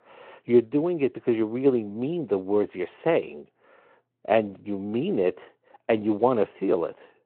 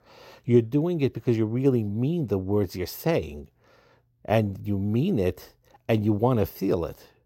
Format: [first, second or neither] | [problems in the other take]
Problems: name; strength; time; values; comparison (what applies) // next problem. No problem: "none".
second | phone-call audio